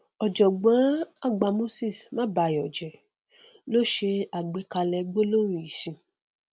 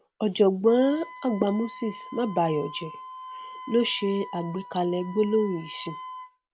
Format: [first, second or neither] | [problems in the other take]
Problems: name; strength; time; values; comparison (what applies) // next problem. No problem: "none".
first | background sound (Wind instrument, woodwind instrument); 15 dB below the speech